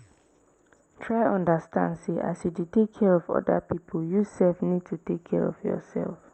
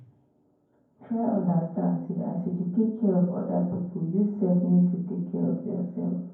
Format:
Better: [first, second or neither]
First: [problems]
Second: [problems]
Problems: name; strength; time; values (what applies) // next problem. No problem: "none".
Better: first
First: none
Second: room echo; dies away in 0.9 s